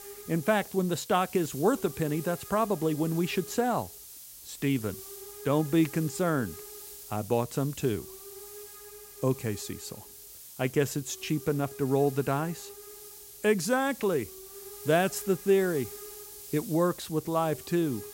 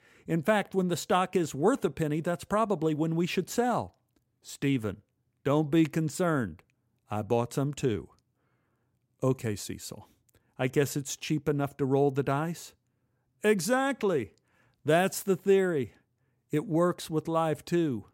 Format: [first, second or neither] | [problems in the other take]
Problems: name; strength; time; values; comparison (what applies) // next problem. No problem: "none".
second | hiss; noticeable; throughout; 15 dB below the speech